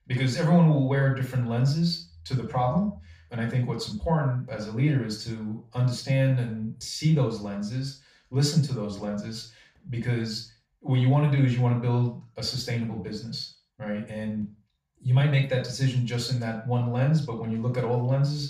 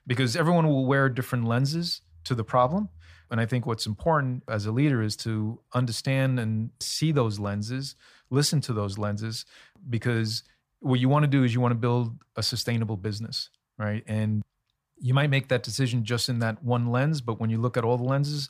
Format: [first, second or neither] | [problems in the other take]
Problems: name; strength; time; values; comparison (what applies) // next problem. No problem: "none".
second | room echo; noticeable; dies away in 0.3 s // off-mic speech; far